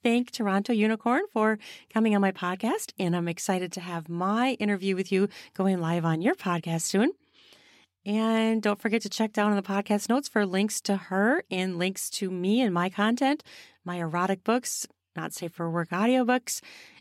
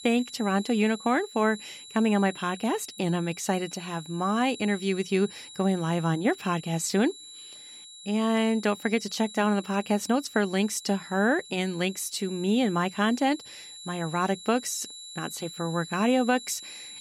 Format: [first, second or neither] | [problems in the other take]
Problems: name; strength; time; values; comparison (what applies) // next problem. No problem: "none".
first | high-pitched whine; noticeable; throughout; 4 kHz, 15 dB below the speech